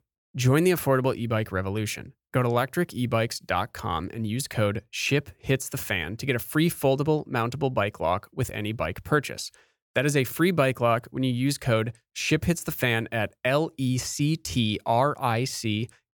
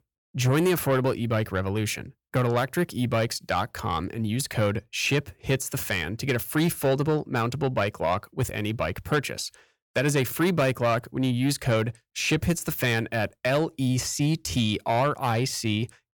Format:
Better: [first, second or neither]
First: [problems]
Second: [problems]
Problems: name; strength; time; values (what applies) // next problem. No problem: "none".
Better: first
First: none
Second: distortion; slight; 10 dB below the speech